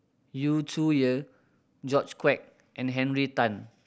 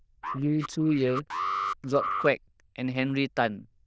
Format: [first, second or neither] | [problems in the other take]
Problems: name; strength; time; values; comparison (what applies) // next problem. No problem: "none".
first | noise reduction (neural diffusion model UNIVERSE++)